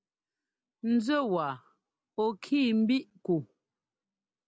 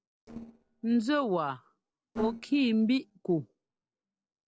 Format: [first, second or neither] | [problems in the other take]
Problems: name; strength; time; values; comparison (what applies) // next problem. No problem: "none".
first | noise reduction (neural separator model SepFormer DNS4)